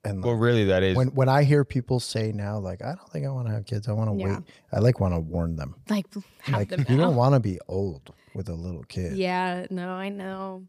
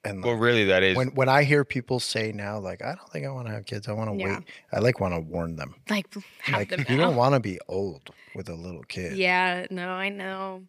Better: first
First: none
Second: thin; very slightly; fading below 250 Hz

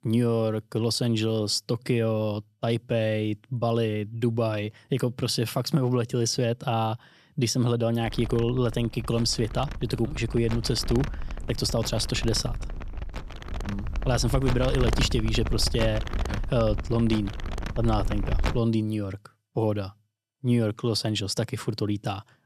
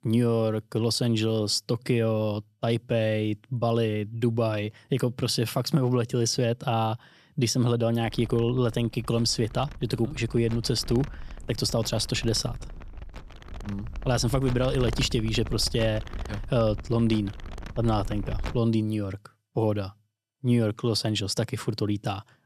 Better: second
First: wind noise on the microphone; heavy; from 8 to 19 s; 10 dB below the speech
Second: wind noise on the microphone; occasional gusts; from 8 to 19 s; 15 dB below the speech

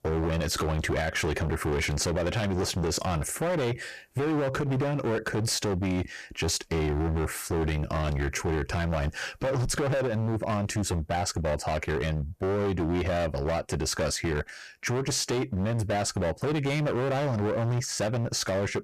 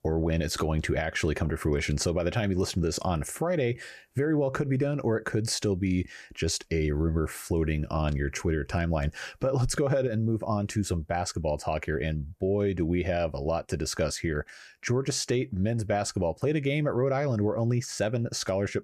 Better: second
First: distortion; heavy; 30% of the sound clipped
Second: none

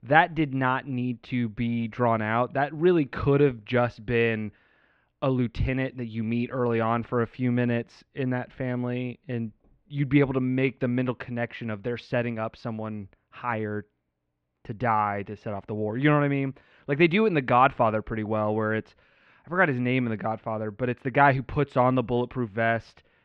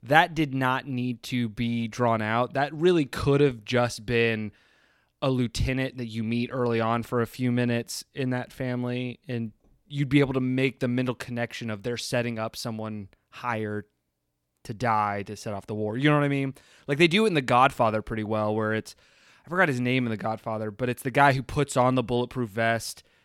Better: second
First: muffled; very; fading above 2.5 kHz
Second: none

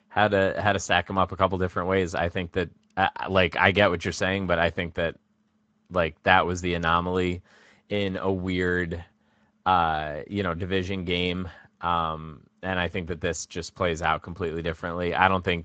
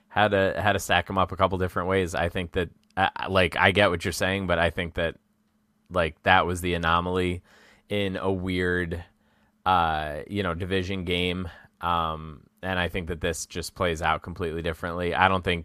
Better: second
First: garbled, watery; slightly; nothing above 7.5 kHz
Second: none

